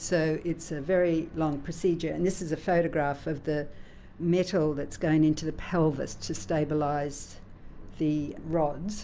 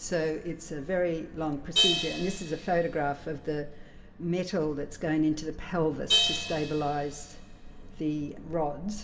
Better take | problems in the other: first | background sound (Crash cymbal); 4 dB below the speech // room echo; dies away in 1.5 s

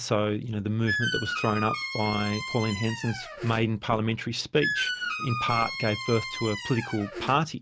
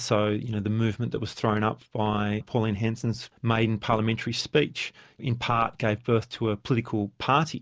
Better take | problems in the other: second | background sound (Squeak); 5 dB below the speech

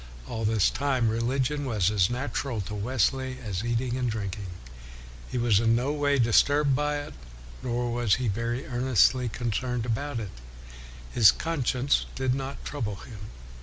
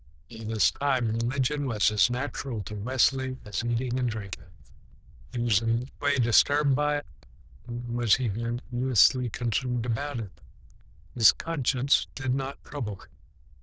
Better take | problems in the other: first | noise reduction (neural diffusion model UNIVERSE++)

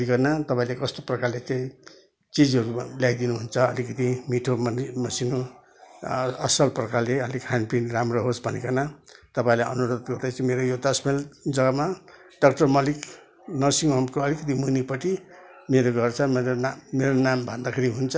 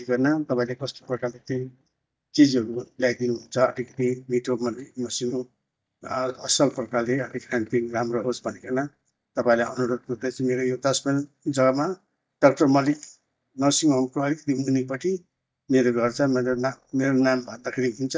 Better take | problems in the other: first | noise reduction (neural mask model DeepFilterNet 3)

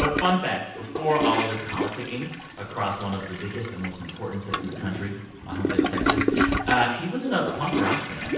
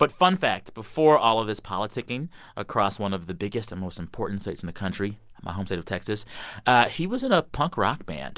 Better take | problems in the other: second | background sound (Toilet flush); 1 dB below the speech // room echo; dies away in 0.9 s

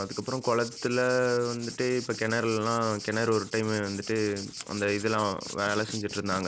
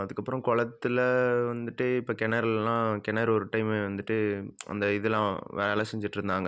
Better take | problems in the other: second | background sound (Insect + Writing); 13 dB below the speech

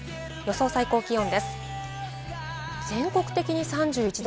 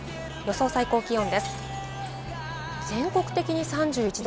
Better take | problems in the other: first | background sound (Shatter); 15 dB below the speech

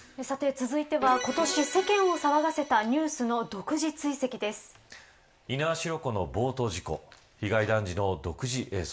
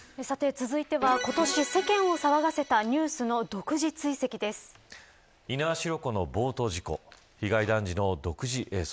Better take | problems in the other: second | room echo; dies away in 0.3 s

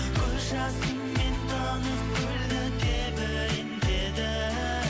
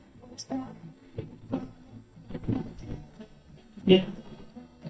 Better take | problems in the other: first | noise reduction (neural mask model DeepFilterNet 3)

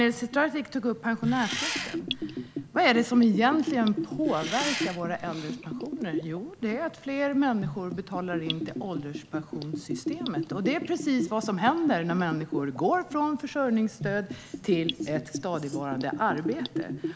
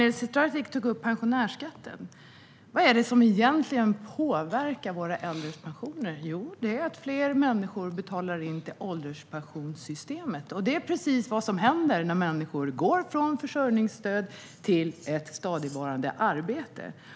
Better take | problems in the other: second | background sound (Engine + Bathtub (filling or washing) / Gurgling); 7 dB below the speech

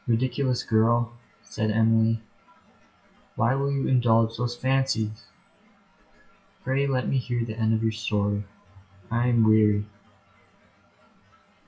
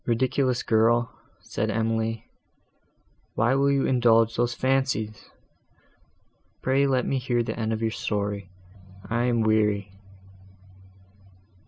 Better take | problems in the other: second | noise reduction (classical method WPE with log-MMSE)

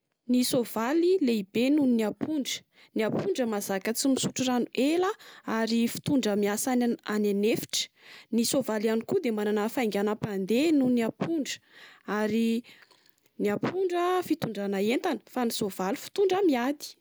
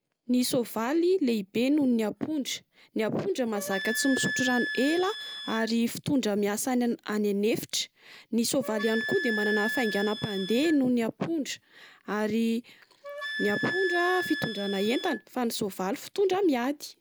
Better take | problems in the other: first | background sound (Wind instrument, woodwind instrument); 8 dB below the speech

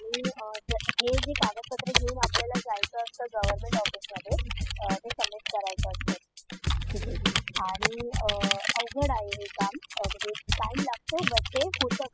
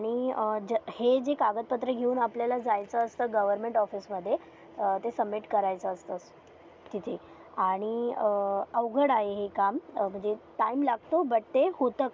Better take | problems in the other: second | noise reduction (classical method spectral subtraction)

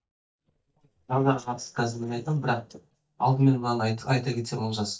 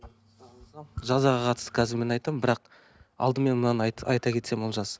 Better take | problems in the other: second | noise reduction (neural mask model DeepFilterNet 3)

